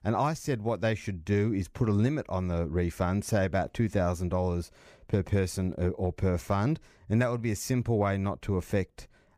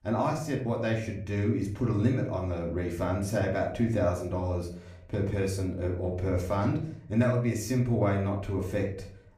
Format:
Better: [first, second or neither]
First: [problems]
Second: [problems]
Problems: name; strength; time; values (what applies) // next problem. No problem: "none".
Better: first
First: none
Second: off-mic speech; far // room echo; slight; dies away in 0.4 s